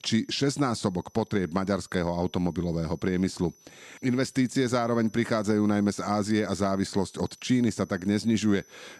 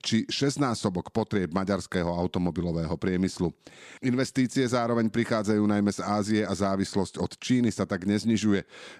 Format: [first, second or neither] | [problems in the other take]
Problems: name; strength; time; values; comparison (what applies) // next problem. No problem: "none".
second | high-pitched whine; faint; throughout; 6 kHz, 30 dB below the speech